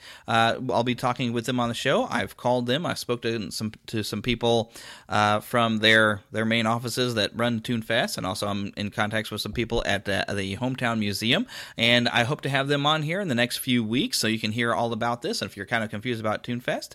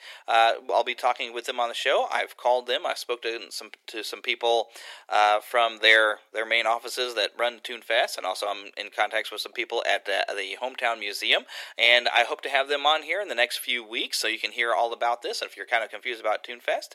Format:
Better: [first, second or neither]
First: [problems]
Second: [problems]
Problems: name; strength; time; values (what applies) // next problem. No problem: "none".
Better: first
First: none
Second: thin; very; fading below 350 Hz